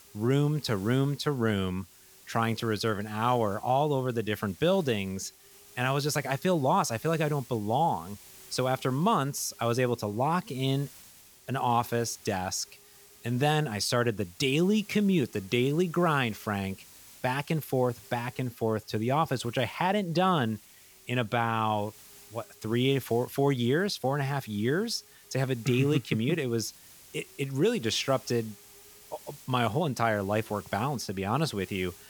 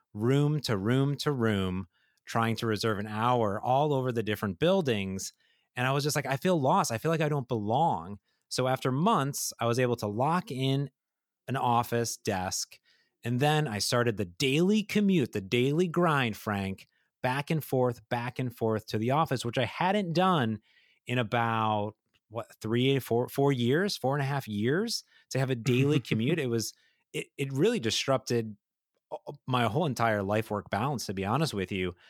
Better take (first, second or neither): second